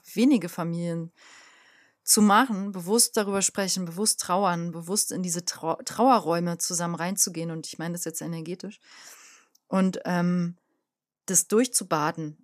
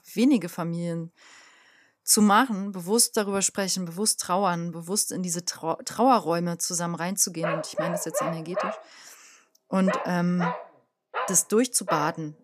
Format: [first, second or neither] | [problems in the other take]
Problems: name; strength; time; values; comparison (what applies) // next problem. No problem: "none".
first | dog barking; noticeable; from 7.5 s on; peak 5 dB below the speech